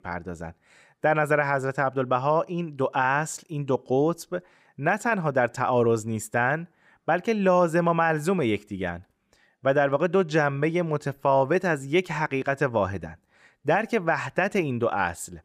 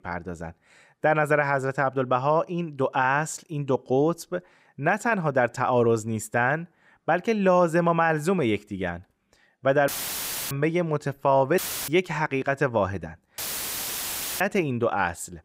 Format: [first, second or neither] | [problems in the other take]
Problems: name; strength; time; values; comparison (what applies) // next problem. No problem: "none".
first | audio cutting out; filled with static; at 10 s for 0.5 s, at 12 s and at 13 s for 1 s